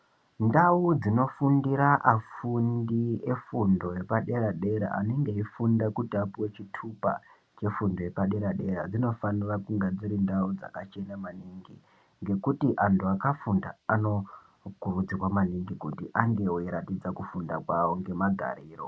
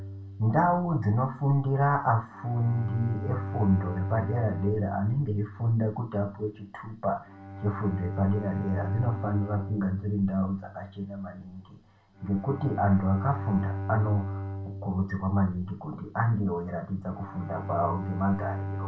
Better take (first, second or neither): first